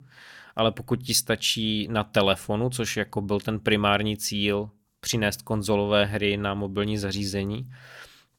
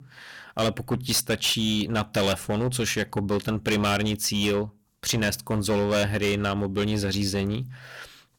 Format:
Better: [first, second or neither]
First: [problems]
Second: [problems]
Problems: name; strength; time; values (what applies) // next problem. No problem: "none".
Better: first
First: none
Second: distortion; heavy; 11% of the sound clipped